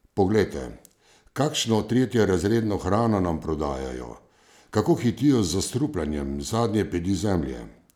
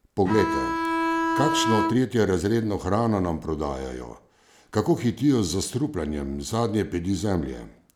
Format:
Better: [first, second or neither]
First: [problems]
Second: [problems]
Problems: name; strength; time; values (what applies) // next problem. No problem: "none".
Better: first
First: none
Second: background sound (Bowed string instrument); 1 dB above the speech